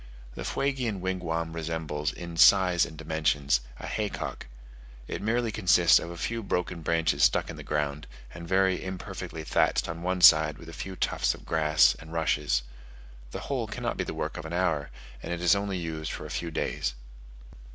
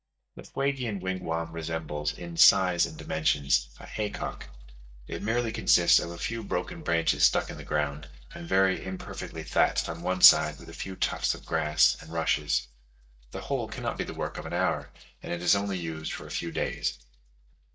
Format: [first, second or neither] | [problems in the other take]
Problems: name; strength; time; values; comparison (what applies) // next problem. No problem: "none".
first | noise reduction (neural mask model DeepFilterNet 3)